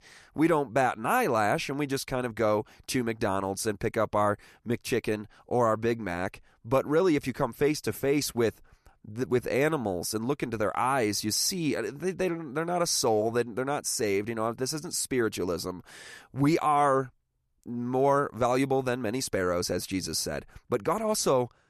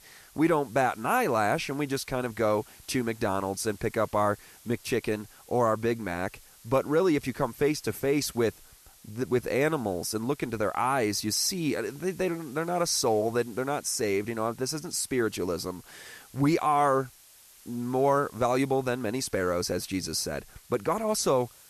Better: first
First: none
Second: hiss; faint; throughout; 25 dB below the speech

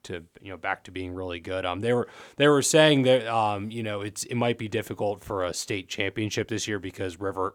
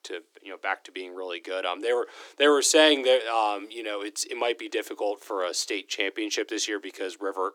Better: first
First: none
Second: thin; somewhat; fading below 300 Hz

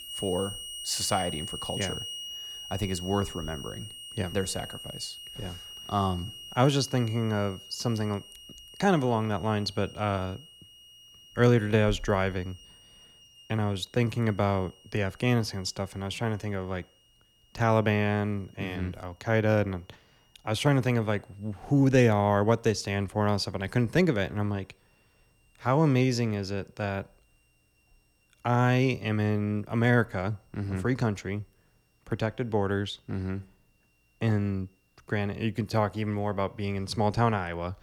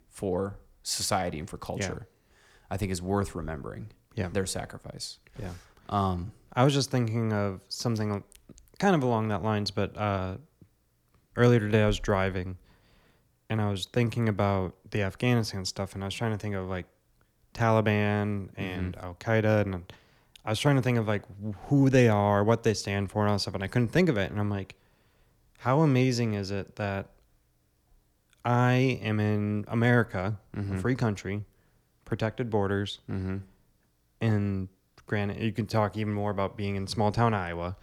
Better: second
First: background music; noticeable; throughout; 10 dB below the speech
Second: none

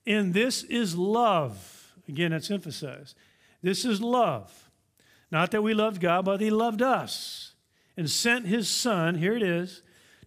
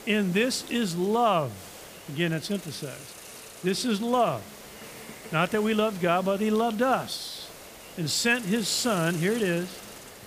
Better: first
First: none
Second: hiss; noticeable; throughout; 15 dB below the speech

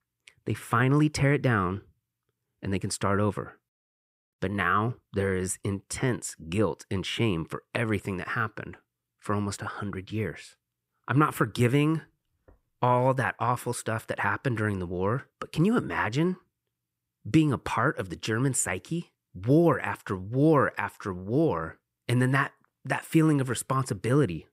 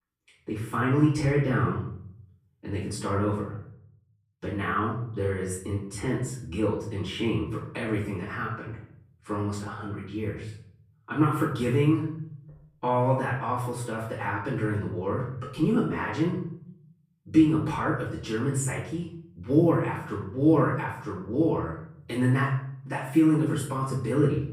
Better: first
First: none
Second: off-mic speech; far // room echo; noticeable; dies away in 0.7 s

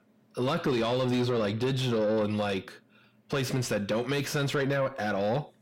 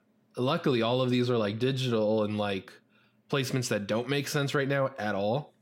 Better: second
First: distortion; slight; 10 dB below the speech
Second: none

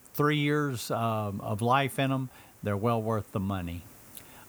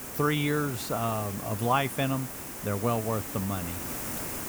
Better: first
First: hiss; faint; throughout; 25 dB below the speech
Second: hiss; loud; throughout; 6 dB below the speech

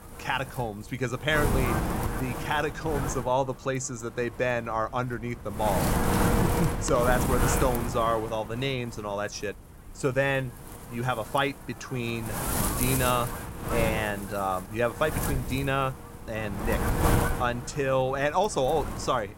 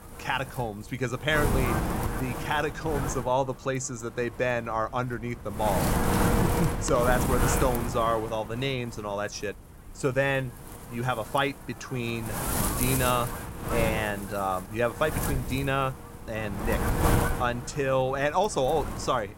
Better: neither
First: wind noise on the microphone; heavy; 4 dB below the speech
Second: wind noise on the microphone; heavy; 4 dB below the speech

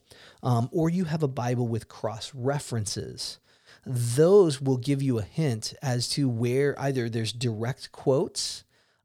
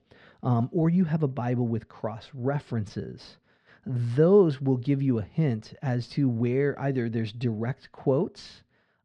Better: first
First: none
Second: muffled; slightly; fading above 2 kHz

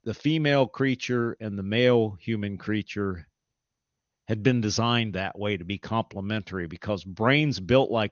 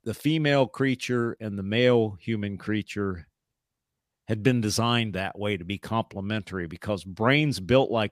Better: second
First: garbled, watery; slightly; nothing above 6.5 kHz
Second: none

